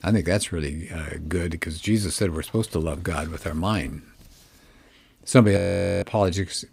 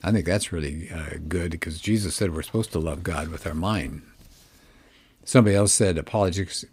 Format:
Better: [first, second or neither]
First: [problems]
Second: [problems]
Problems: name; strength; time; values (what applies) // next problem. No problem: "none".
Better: second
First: audio freezing; at 5.5 s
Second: none